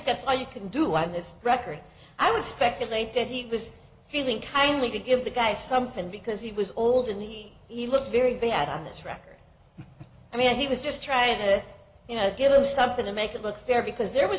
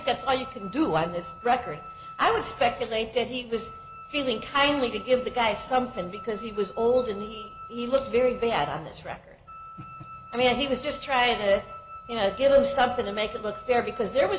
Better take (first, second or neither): first